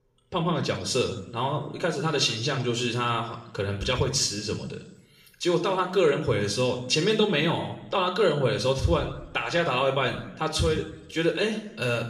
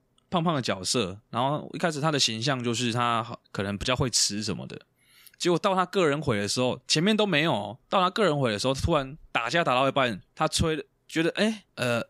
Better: second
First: room echo; slight; dies away in 0.7 s // off-mic speech; somewhat distant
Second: none

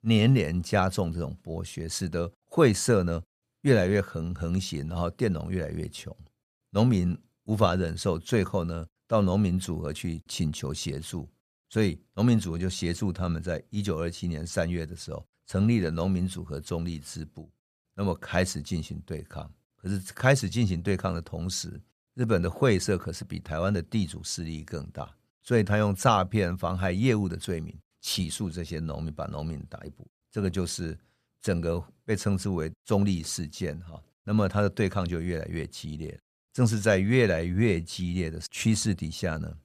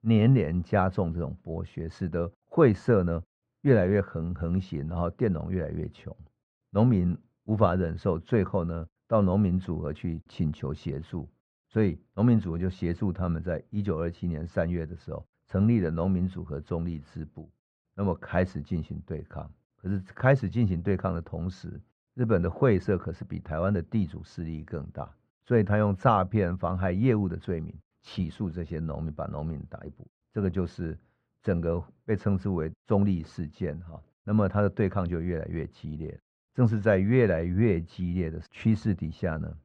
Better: first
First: none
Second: muffled; very; fading above 1.5 kHz

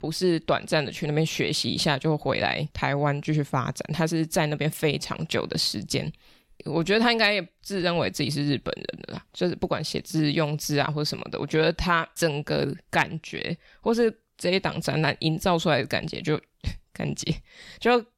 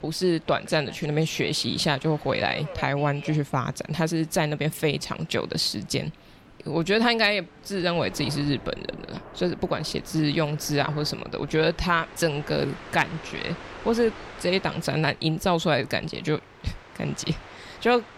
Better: first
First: none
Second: train or aircraft noise; noticeable; throughout; 20 dB below the speech

